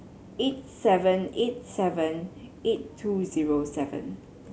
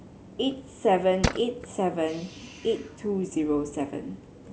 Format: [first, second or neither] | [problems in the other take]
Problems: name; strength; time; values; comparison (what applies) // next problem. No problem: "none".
first | background sound (Tools); 7 dB below the speech